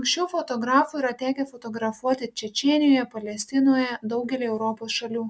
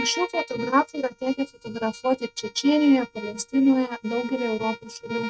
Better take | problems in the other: first | noise reduction (neural mask model RNNoise)

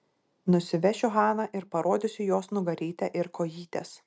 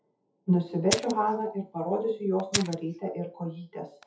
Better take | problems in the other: first | noise reduction (classical method WPE with log-MMSE)

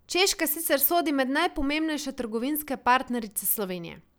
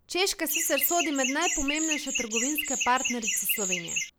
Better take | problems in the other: first | background sound (Chirp, tweet); 1 dB below the speech

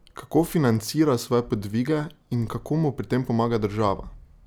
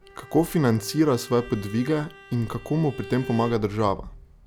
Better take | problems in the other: first | background sound (Bowed string instrument); 18 dB below the speech

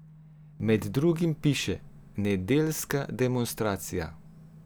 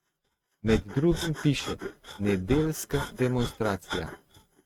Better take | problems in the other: first | noise reduction (neural mask model RNNoise)

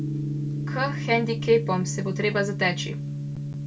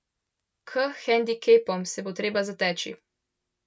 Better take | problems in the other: second | background sound (Gong); 3 dB below the speech // room echo; dies away in 0.2 s

